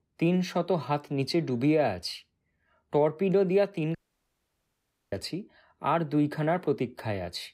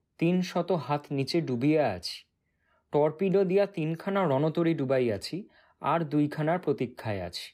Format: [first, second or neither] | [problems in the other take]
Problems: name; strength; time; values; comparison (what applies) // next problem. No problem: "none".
second | audio cutting out; at 4 s for 1 s